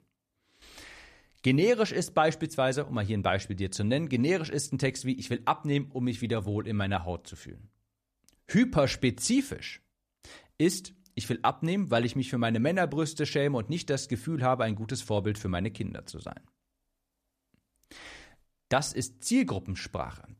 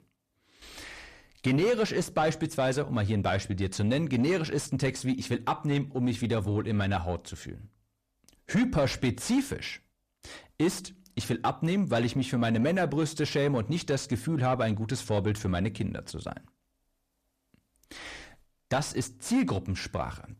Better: first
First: none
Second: distortion; slight; 10 dB below the speech

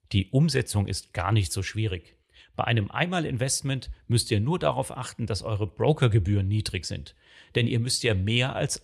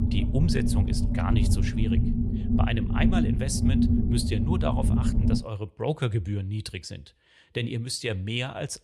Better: first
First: none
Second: low rumble; loud; until 5.5 s; 1 dB below the speech

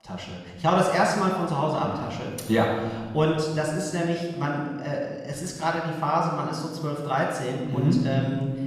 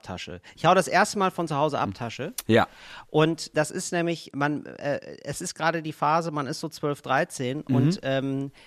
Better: second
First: off-mic speech; far // room echo; noticeable; dies away in 1.4 s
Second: none

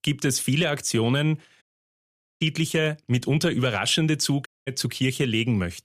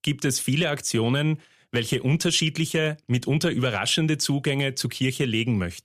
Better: second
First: audio cutting out; at 1.5 s for 1 s and at 4.5 s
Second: none

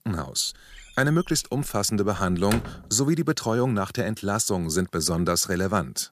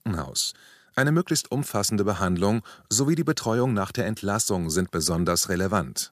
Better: second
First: door banging; noticeable; from 1 to 3 s; peak 7 dB below the speech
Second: none

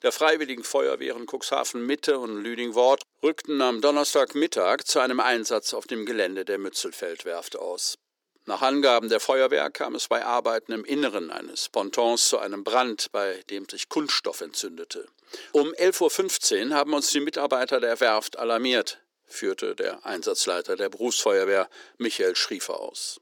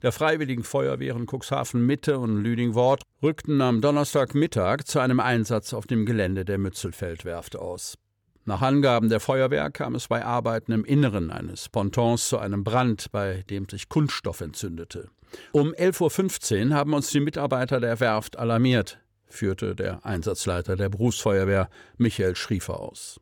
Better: second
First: thin; somewhat; fading below 300 Hz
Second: none

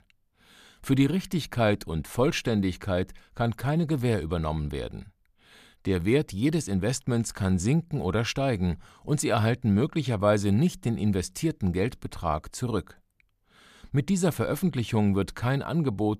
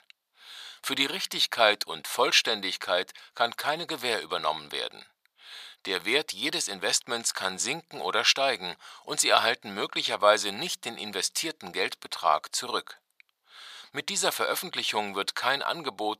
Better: first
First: none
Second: thin; very; fading below 850 Hz

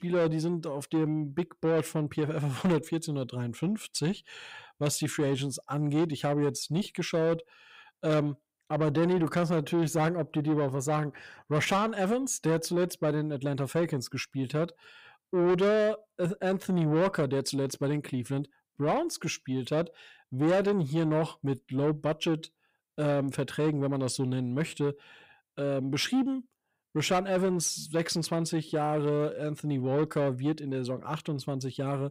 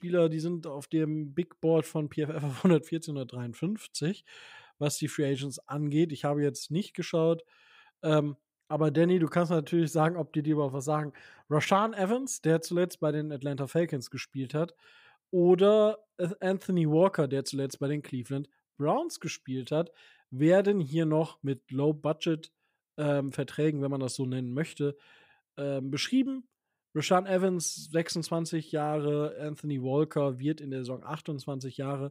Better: second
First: distortion; slight; 10 dB below the speech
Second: none

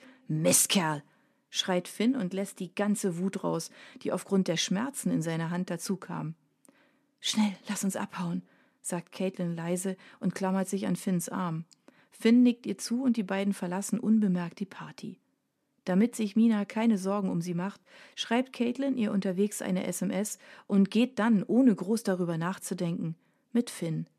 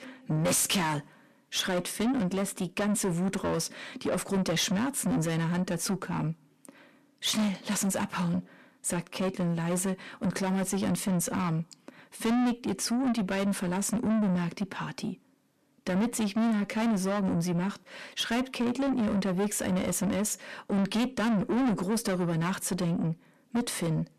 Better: first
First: none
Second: distortion; heavy; 6 dB below the speech

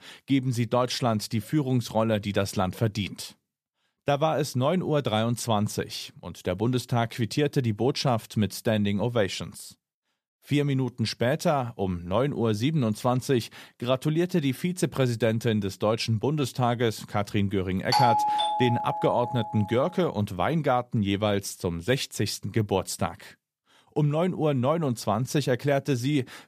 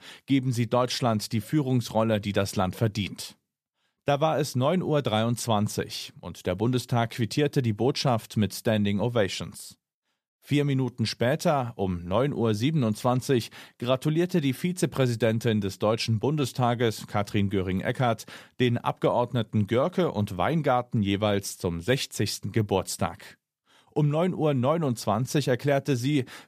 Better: second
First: doorbell; loud; from 18 to 20 s; peak 4 dB above the speech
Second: none

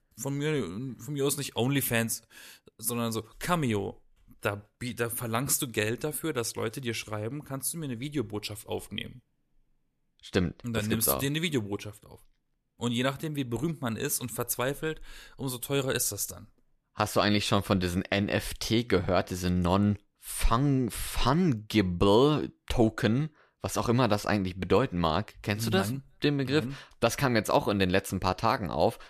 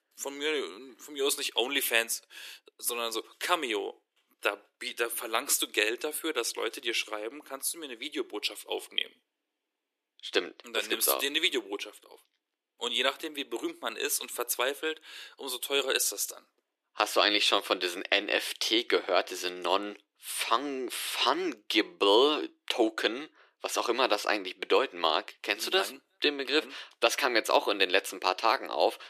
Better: first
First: none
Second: thin; very; fading below 350 Hz

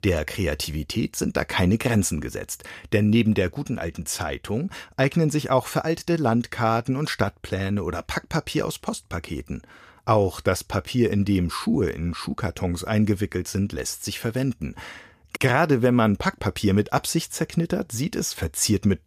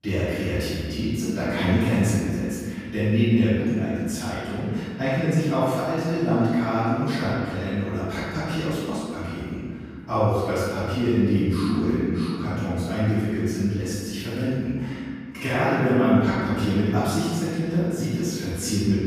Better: first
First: none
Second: off-mic speech; far // room echo; strong; dies away in 2 s

